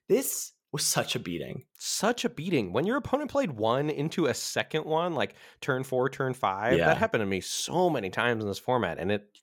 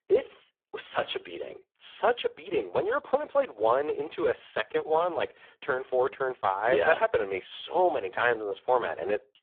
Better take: first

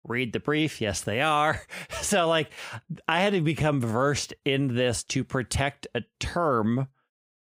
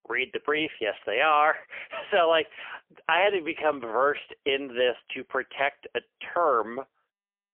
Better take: first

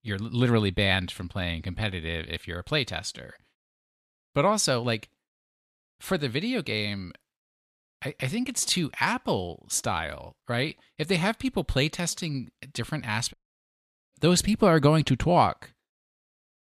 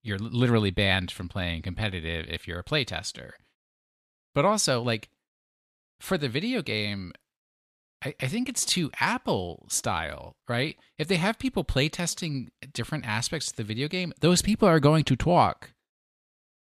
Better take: second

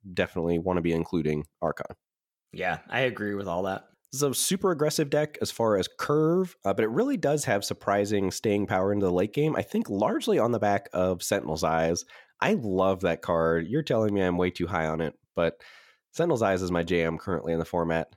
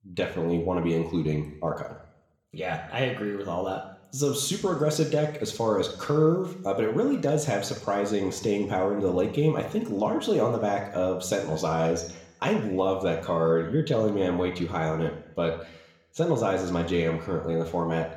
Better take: first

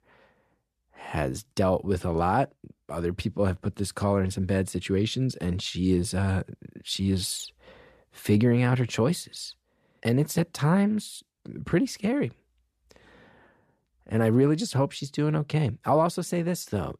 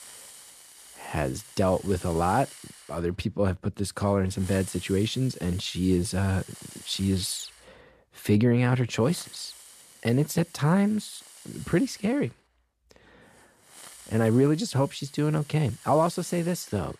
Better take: first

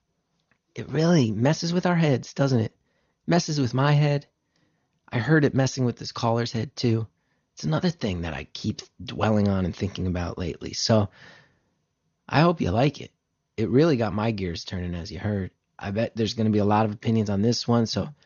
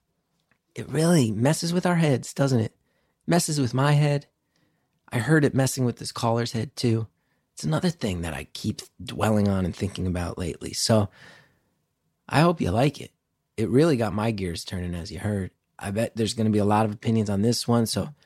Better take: second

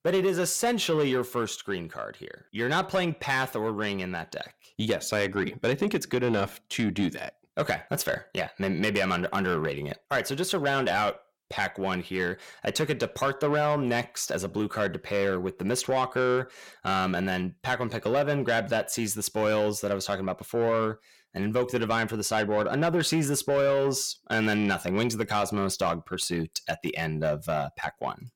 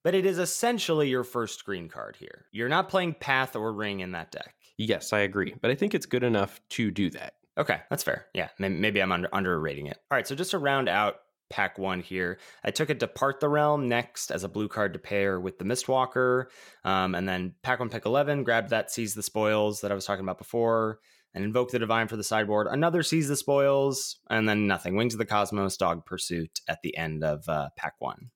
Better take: second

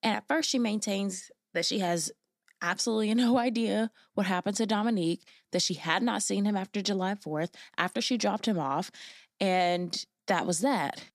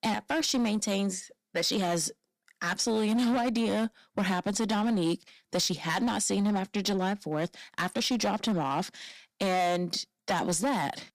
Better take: first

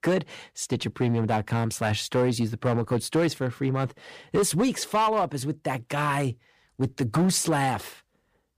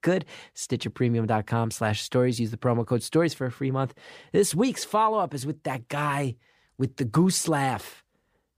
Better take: second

